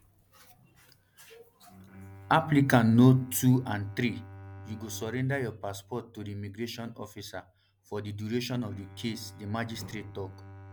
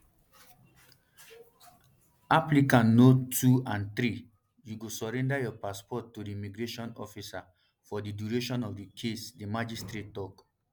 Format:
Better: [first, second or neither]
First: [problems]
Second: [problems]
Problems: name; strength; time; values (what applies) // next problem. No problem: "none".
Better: second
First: background sound (Bowed string instrument); 19 dB below the speech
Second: none